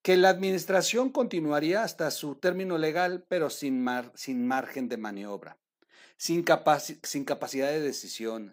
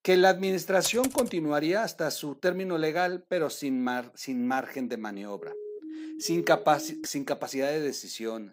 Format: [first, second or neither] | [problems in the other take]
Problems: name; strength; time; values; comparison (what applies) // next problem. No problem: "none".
first | keyboard typing; noticeable; at 1 s; peak 5 dB below the speech // siren; faint; from 5.5 to 7 s; peak 10 dB below the speech